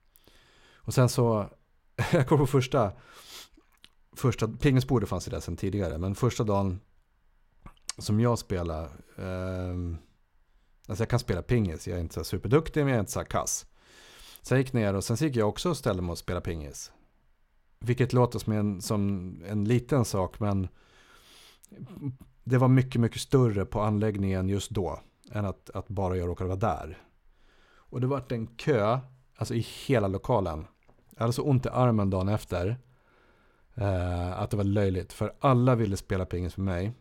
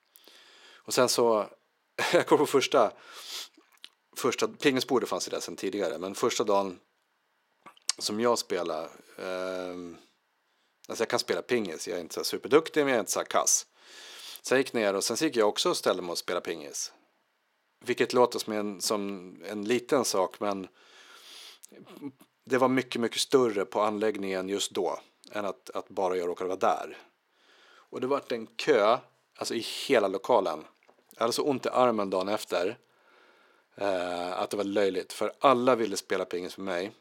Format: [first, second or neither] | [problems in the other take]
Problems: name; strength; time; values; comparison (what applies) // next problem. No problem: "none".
first | thin; somewhat; fading below 300 Hz